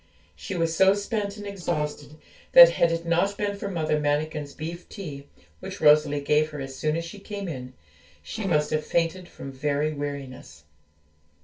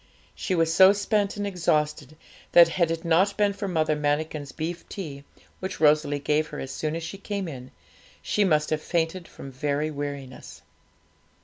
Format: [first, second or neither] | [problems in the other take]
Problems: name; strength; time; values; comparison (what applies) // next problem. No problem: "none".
second | noise reduction (neural separator model SepFormer DNS4)